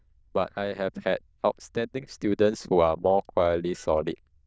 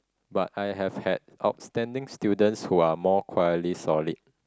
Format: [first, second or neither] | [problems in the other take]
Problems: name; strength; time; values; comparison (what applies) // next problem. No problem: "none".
second | noise reduction (neural diffusion model UNIVERSE++)